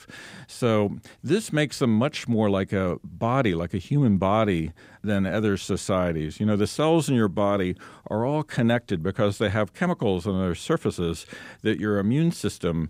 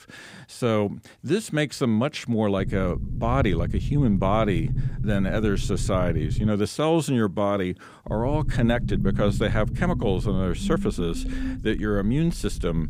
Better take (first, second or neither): first